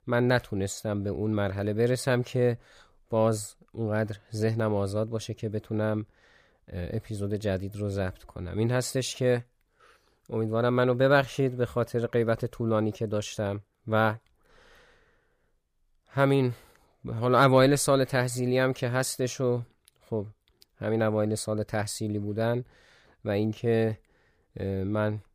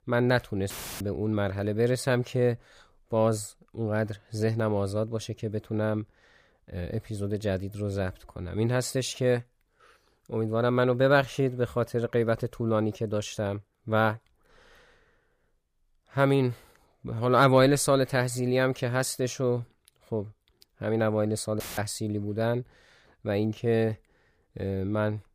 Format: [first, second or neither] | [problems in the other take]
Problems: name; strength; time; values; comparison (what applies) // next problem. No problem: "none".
first | audio cutting out; filled with static; at 0.5 s and at 22 s